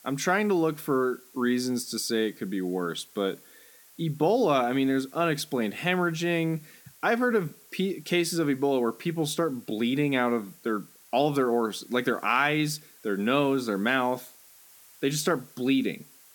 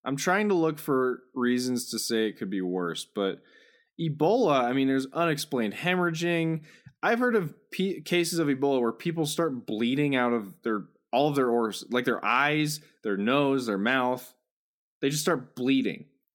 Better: second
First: hiss; faint; throughout; 25 dB below the speech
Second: none

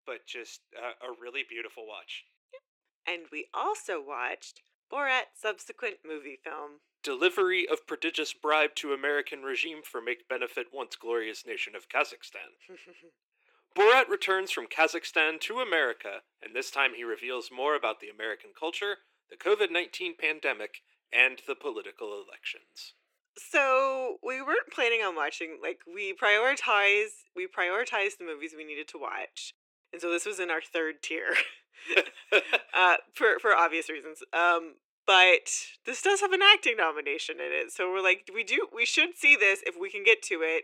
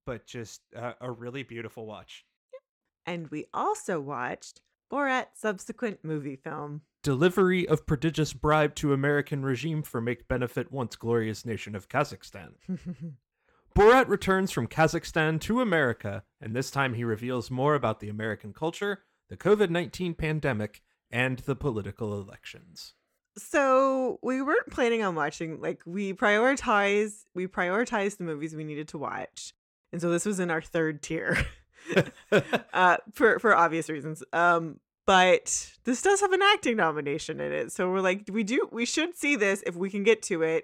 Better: second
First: thin; very; fading below 350 Hz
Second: none

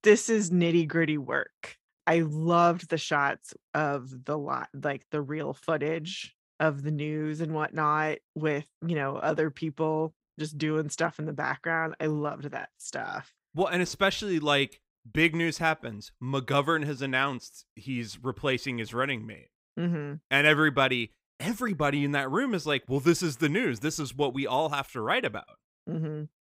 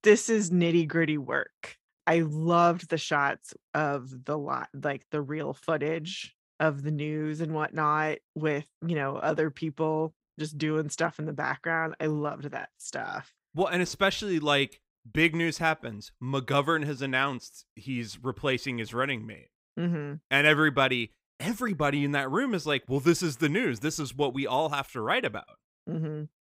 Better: neither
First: none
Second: none

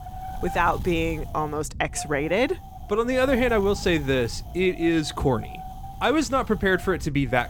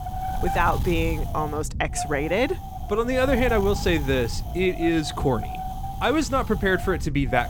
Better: first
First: wind noise on the microphone; occasional gusts; 15 dB below the speech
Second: wind noise on the microphone; heavy; 9 dB below the speech

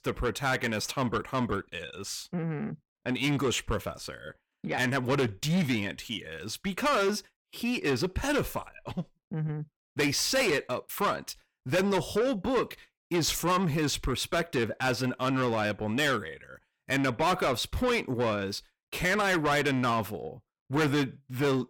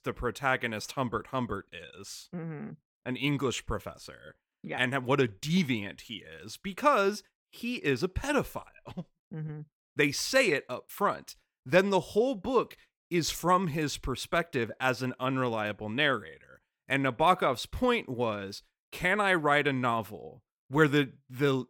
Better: second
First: distortion; heavy; 6 dB below the speech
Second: none

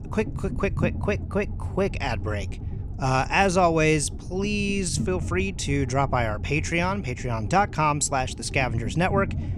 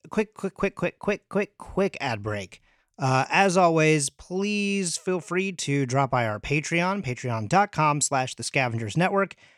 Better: second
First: low rumble; noticeable; throughout; 20 dB below the speech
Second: none

